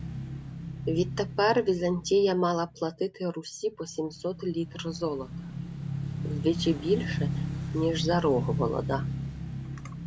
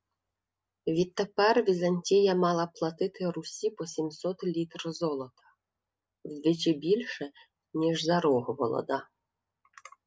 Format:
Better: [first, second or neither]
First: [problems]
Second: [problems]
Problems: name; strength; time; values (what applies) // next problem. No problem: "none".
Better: second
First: background sound (Motorcycle / Engine); 5 dB below the speech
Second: none